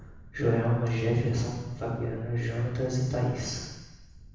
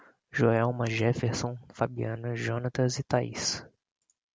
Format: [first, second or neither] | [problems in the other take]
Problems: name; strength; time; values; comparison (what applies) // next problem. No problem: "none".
second | background sound (Thunder); 19 dB below the speech // room echo; dies away in 1.1 s